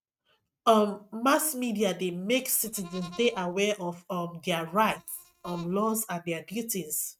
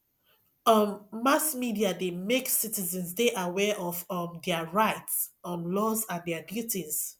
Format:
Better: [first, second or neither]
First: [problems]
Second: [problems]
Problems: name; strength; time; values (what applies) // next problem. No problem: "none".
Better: second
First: noise reduction (neural mask model RNNoise)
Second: none